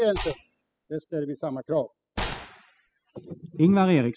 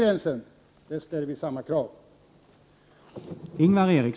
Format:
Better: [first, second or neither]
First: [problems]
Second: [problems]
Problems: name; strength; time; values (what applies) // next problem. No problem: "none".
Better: second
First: noise reduction (classical method spectral subtraction)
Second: none